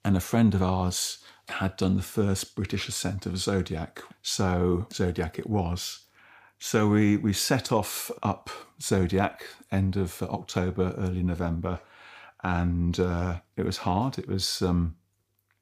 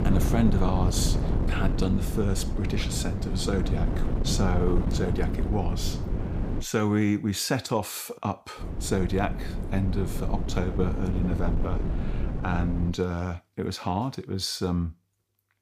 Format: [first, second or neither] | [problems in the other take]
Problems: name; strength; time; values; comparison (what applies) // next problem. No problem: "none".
first | wind noise on the microphone; heavy; until 6.5 s and from 8.5 to 13 s; 6 dB below the speech